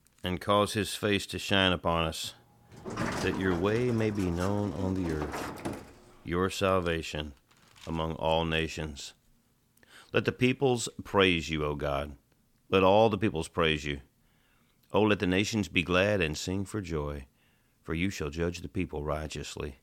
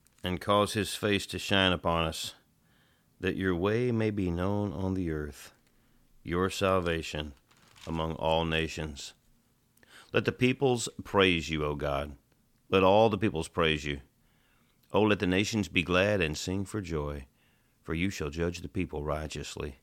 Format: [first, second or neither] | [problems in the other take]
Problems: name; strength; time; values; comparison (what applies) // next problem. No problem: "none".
second | door banging; noticeable; from 2.5 to 6 s; peak 4 dB below the speech